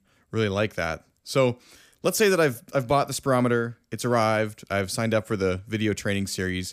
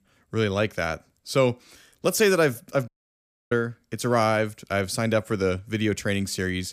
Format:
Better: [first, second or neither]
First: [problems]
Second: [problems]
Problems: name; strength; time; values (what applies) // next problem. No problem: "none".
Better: first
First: none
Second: audio cutting out; at 3 s for 0.5 s